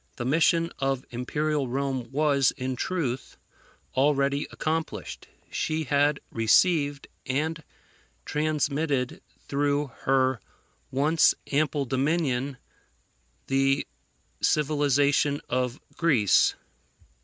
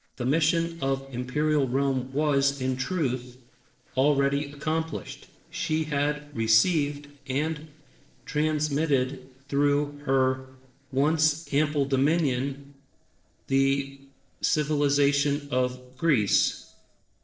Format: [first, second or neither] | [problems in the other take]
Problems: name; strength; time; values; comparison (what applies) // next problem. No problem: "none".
first | noise reduction (neural separator model SepFormer DNS4)